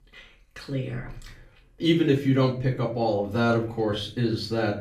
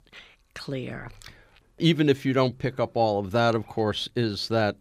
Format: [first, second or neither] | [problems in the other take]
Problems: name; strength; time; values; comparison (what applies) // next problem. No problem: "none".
second | off-mic speech; far // room echo; slight; dies away in 0.4 s